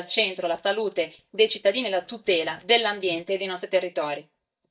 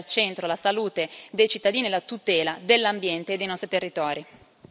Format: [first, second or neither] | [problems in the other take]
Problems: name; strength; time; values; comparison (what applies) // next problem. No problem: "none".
second | noise reduction (neural mask model DeepFilterNet 3)